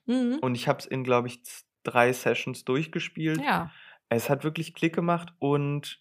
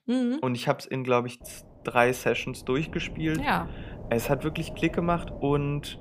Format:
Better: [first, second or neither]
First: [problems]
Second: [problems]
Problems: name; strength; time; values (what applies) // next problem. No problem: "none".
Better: first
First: none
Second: wind noise on the microphone; occasional gusts; from 1.5 s on; 20 dB below the speech